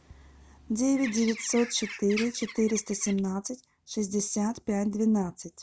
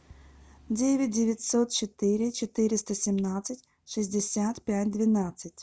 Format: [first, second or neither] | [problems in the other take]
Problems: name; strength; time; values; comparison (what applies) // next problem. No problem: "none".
second | background sound (Bird); 12 dB below the speech